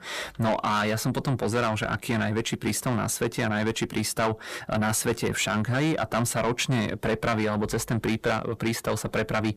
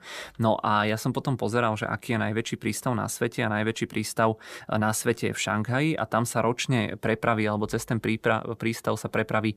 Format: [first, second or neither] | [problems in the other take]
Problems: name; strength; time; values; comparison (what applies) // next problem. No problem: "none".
second | distortion; heavy; 7 dB below the speech